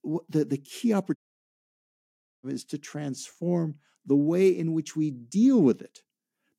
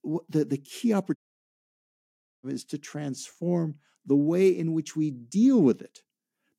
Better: neither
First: audio cutting out; at 1 s for 1.5 s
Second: audio cutting out; at 1 s for 1.5 s

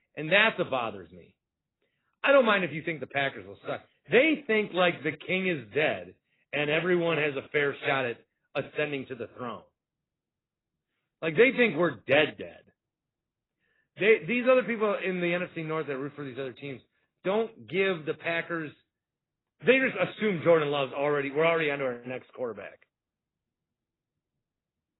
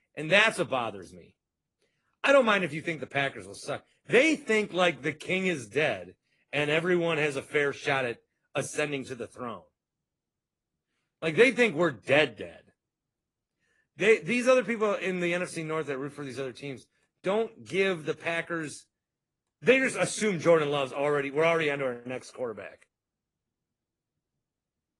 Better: second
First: garbled, watery; badly; nothing above 4 kHz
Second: garbled, watery; slightly

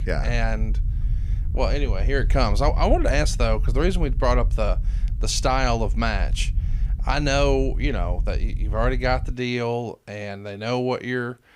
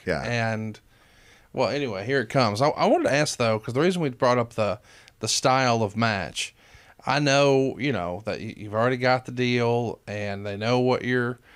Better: second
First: low rumble; faint; until 9.5 s; 20 dB below the speech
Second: none

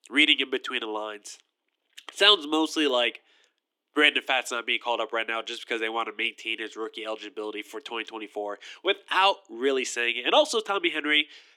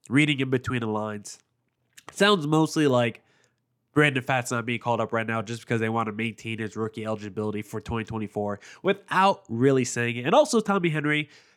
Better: second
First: thin; somewhat; fading below 300 Hz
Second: none

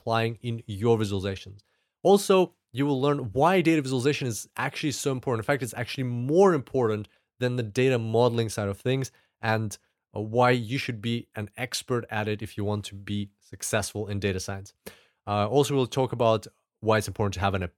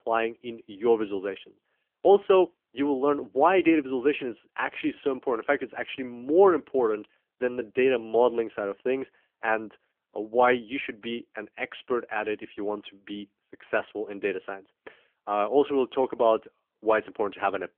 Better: first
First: none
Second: phone-call audio; nothing above 3.5 kHz

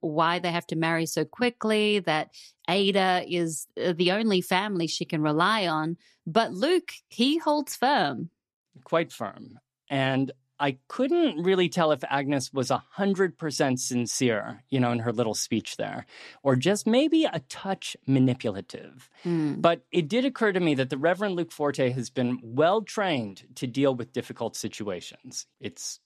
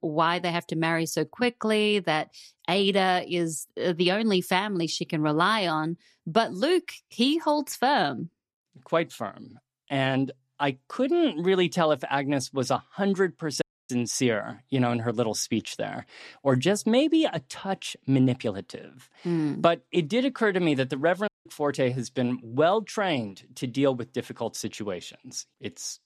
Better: first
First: none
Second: audio cutting out; at 14 s and at 21 s

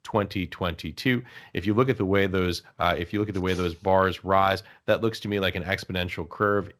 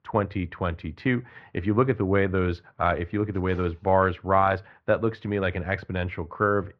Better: first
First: none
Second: muffled; very; fading above 1.5 kHz

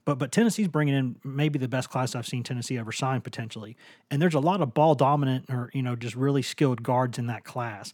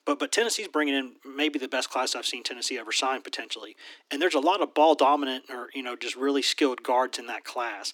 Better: first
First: none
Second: thin; somewhat; fading below 300 Hz

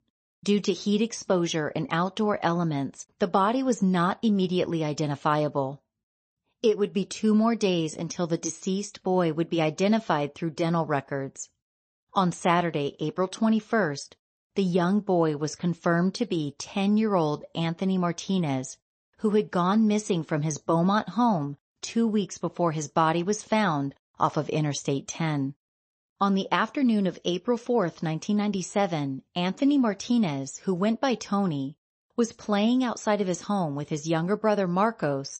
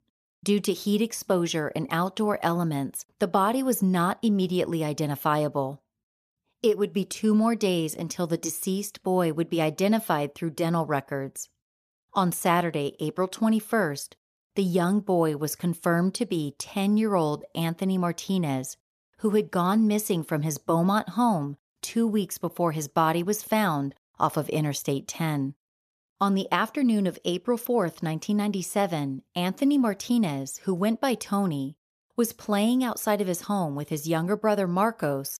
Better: second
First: garbled, watery; slightly; nothing above 8 kHz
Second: none

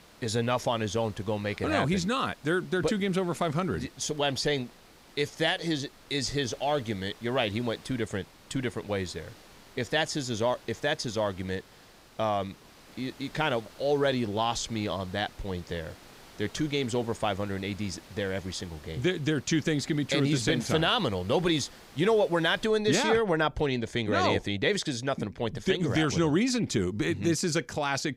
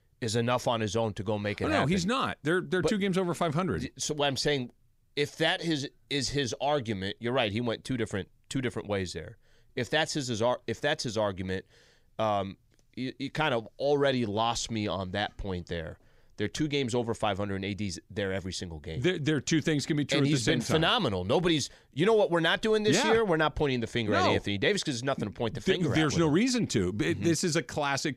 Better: second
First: hiss; faint; until 23 s; 25 dB below the speech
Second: none

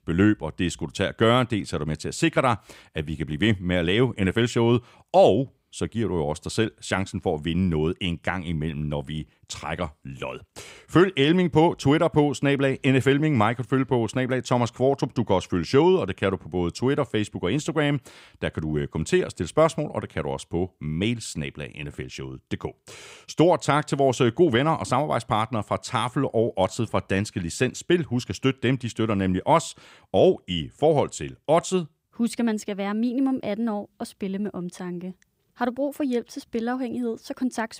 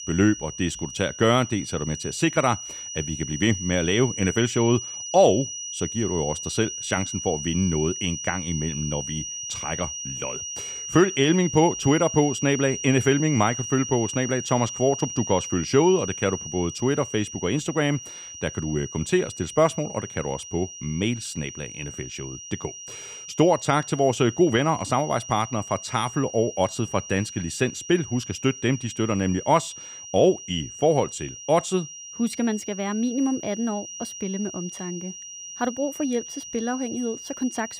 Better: first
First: none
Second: high-pitched whine; loud; throughout; 6 kHz, 9 dB below the speech

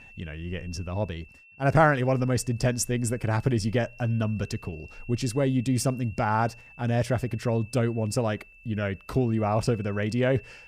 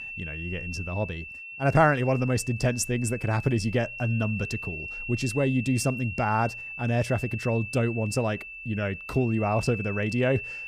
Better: first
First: high-pitched whine; faint; throughout; 2.5 kHz, 20 dB below the speech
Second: high-pitched whine; loud; throughout; 2.5 kHz, 9 dB below the speech

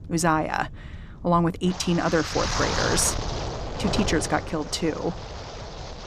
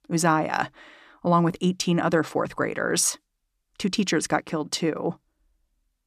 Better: second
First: wind noise on the microphone; heavy; 5 dB below the speech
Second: none

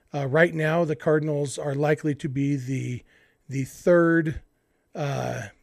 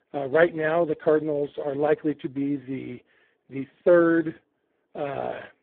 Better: first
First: none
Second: phone-call audio; poor line; nothing above 3.5 kHz

